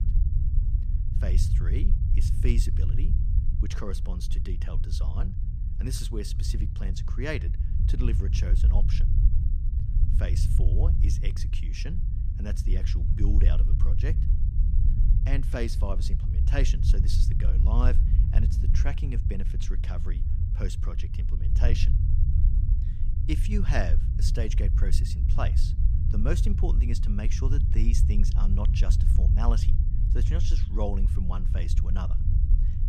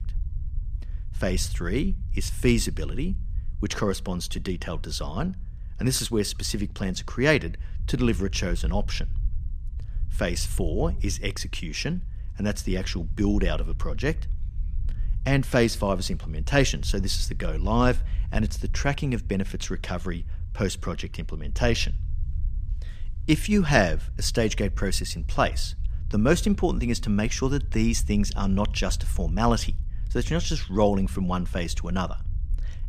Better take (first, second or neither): second